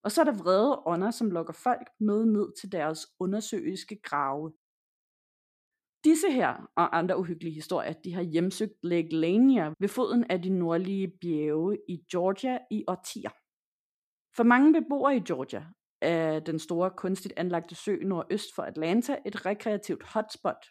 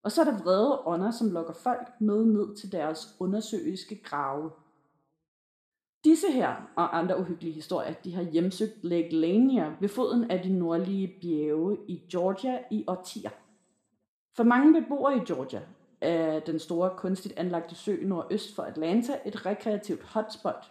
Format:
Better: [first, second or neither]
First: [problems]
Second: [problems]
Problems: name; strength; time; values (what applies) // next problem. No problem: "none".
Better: first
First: none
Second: room echo; slight; dies away in 0.6 s